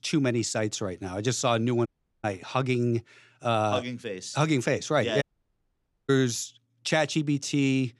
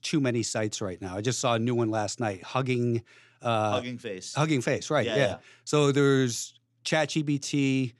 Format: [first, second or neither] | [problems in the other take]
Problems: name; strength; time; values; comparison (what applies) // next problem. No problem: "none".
second | audio cutting out; at 2 s and at 5 s for 1 s